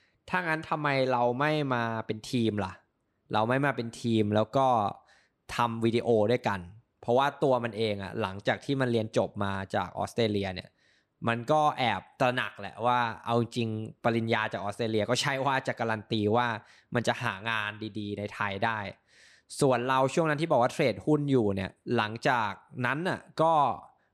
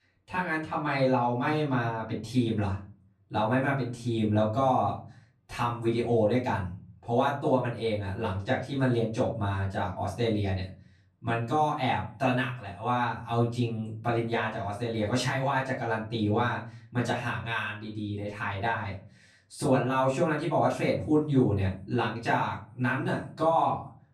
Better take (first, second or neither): first